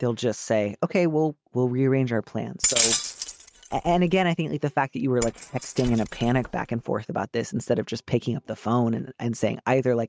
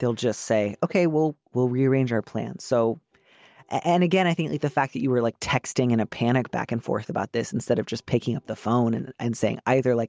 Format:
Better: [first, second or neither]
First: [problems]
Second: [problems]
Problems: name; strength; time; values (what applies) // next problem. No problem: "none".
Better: second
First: noise reduction (neural mask model RNNoise)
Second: none